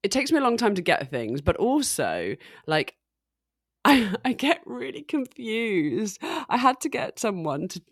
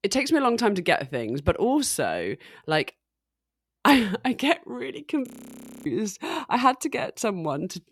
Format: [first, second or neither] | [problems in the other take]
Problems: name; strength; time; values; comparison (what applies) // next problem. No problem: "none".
first | audio freezing; at 5.5 s for 0.5 s